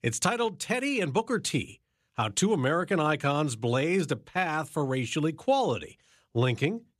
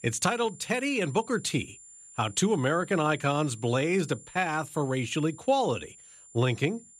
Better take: first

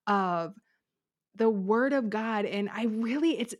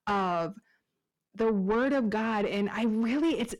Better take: first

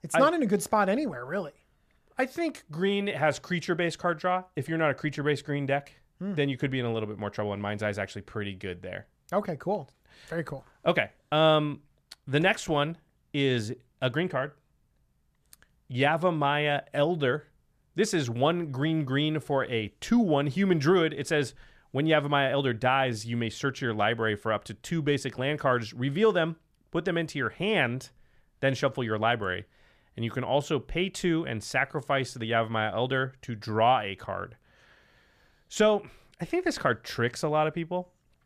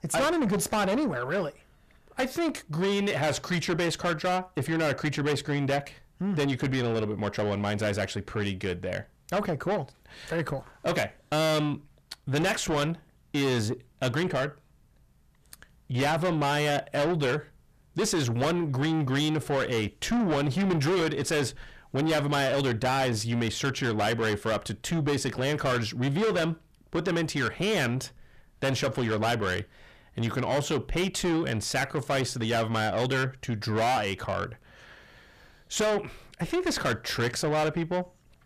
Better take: first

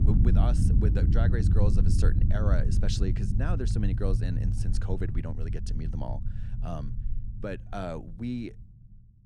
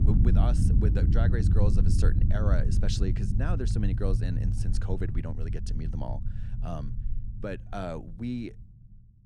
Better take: neither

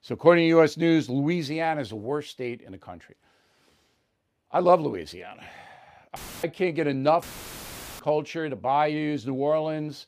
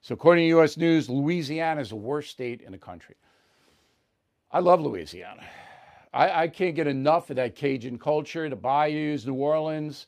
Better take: second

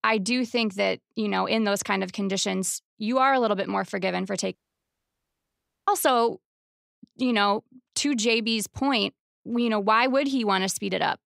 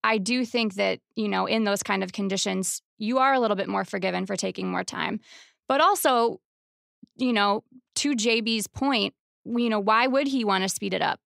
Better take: second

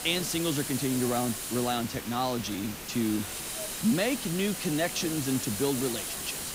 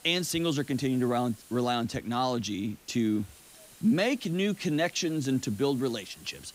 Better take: second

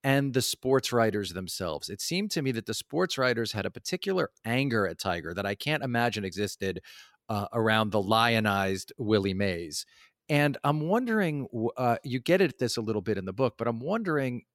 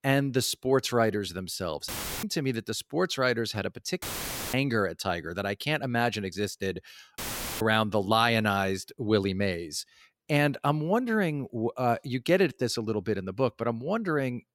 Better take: first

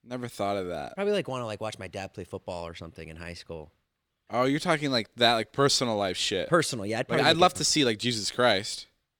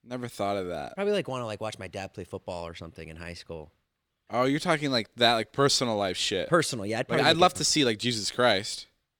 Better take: neither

